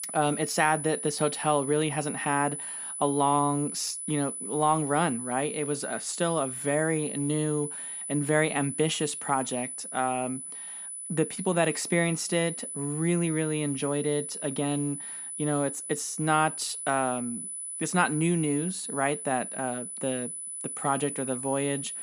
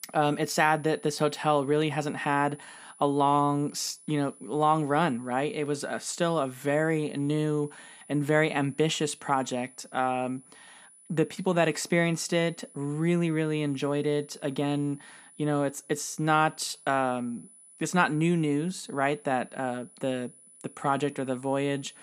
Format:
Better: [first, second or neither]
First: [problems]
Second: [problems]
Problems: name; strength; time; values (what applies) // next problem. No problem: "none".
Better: second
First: high-pitched whine; loud; throughout; 10 kHz, 6 dB below the speech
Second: high-pitched whine; faint; throughout; 10 kHz, 25 dB below the speech